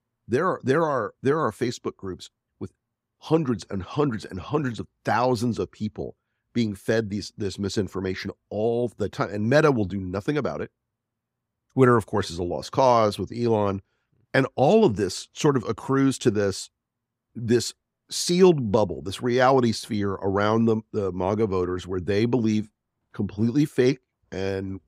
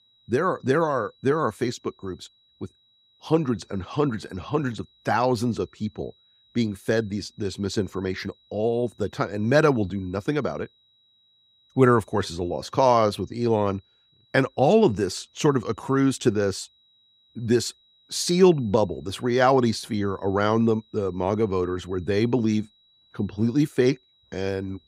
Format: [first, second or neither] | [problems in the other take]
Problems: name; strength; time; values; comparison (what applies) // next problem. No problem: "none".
first | high-pitched whine; faint; throughout; 4 kHz, 35 dB below the speech